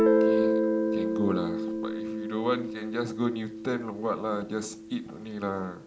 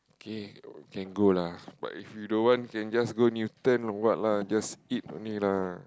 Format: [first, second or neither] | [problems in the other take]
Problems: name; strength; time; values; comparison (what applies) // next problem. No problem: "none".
second | background sound (Guitar); 4 dB above the speech // room echo; dies away in 0.4 s